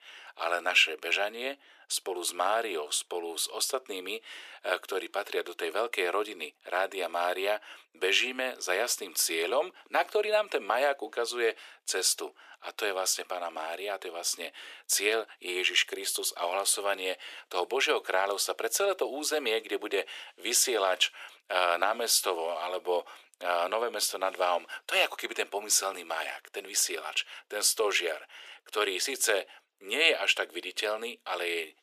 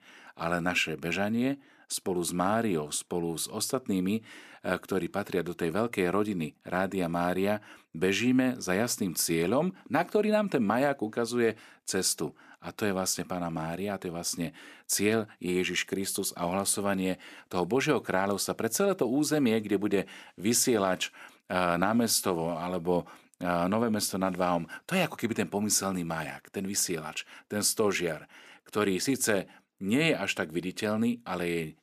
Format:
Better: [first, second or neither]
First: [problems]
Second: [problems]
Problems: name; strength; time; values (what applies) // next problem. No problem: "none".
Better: second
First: thin; very; fading below 400 Hz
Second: none